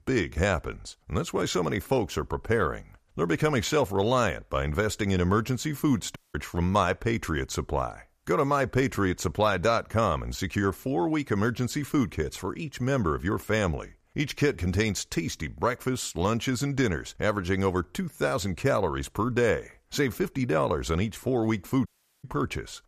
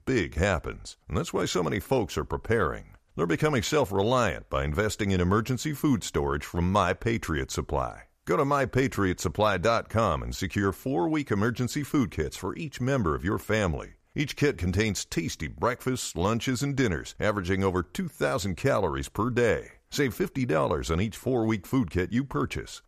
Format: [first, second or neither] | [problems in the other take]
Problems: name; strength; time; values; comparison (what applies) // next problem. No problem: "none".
second | audio cutting out; at 6 s and at 22 s